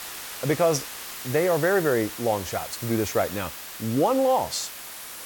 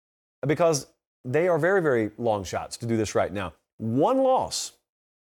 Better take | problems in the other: second | hiss; loud; throughout; 10 dB below the speech

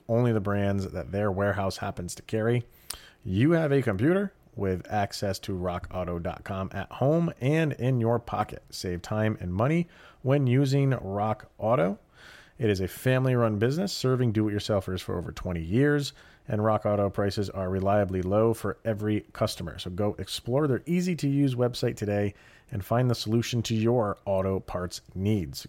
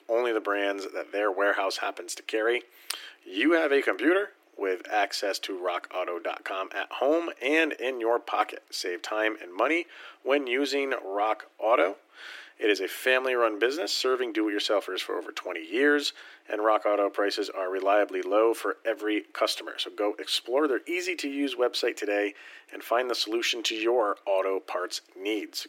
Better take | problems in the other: first | thin; very; fading below 300 Hz

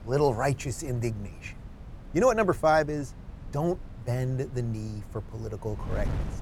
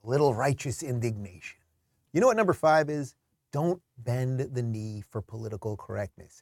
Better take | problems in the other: second | wind noise on the microphone; occasional gusts; 20 dB below the speech

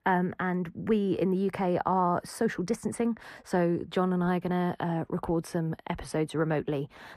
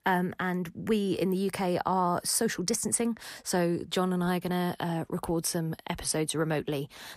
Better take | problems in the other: second | muffled; slightly; fading above 3 kHz

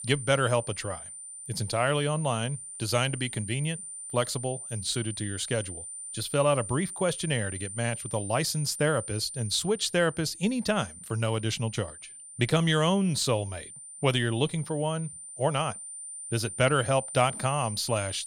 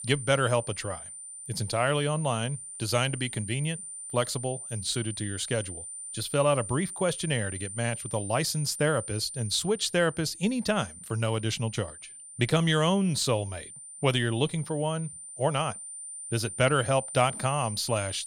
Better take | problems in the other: neither | high-pitched whine; loud; throughout; 9 kHz, 10 dB below the speech; the same in both

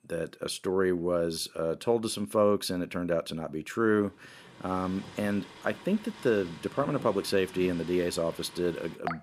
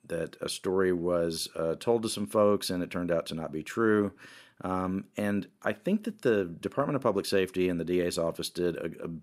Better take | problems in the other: second | rain or running water; noticeable; from 4.5 s on; 15 dB below the speech

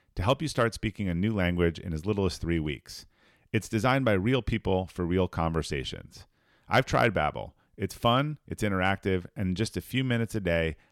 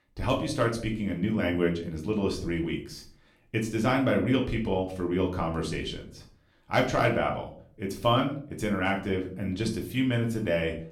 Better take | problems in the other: first | room echo; slight; dies away in 0.4 s // off-mic speech; somewhat distant

